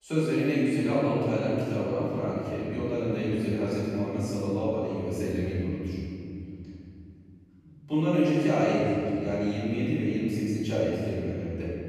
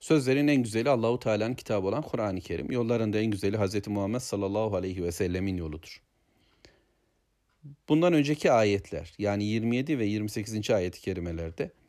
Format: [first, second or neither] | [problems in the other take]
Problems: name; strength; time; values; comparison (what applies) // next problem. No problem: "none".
second | off-mic speech; far // room echo; strong; dies away in 3 s